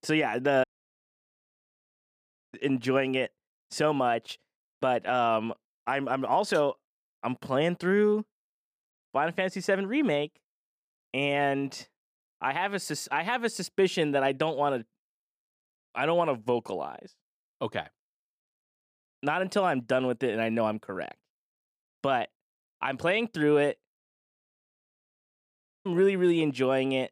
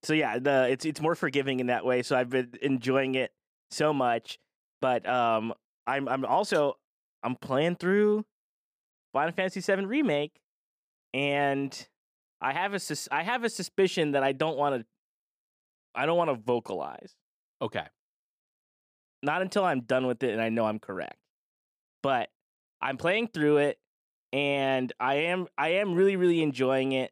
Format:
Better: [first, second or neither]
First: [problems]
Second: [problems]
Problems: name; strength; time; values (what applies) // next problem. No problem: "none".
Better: second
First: audio cutting out; at 0.5 s for 2 s and at 24 s for 2 s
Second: none